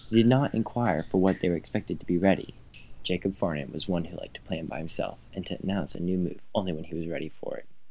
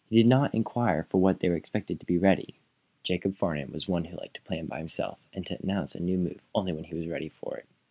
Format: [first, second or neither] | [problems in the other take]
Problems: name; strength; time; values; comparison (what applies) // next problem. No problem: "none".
second | background sound (Drip); 13 dB below the speech